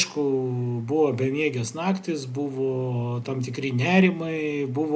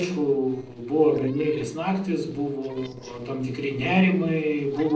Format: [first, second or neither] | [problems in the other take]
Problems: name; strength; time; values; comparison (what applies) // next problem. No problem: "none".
first | noise reduction (neural separator model SepFormer DNS4)